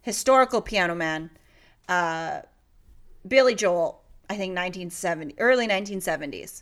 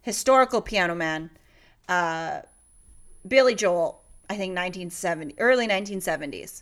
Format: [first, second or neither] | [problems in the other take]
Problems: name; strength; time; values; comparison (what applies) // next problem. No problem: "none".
first | high-pitched whine; faint; from 2.5 s on; 10.5 kHz, 35 dB below the speech